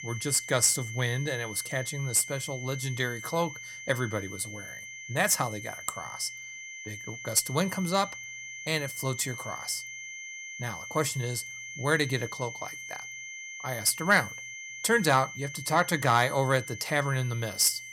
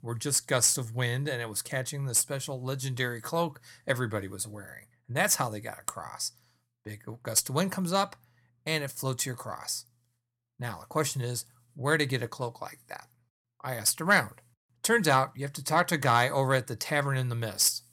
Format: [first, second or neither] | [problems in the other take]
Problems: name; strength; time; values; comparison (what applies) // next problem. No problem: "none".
second | high-pitched whine; noticeable; throughout; 2 kHz, 10 dB below the speech